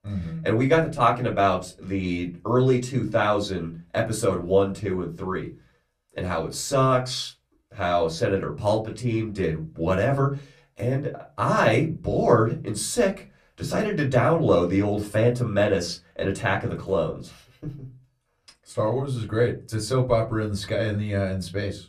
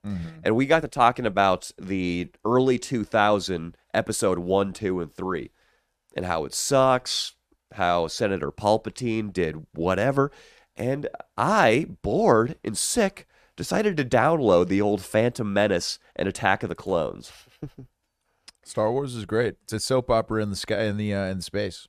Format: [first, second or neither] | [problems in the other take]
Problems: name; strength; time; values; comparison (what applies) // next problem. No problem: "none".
second | off-mic speech; far // room echo; very slight; dies away in 0.3 s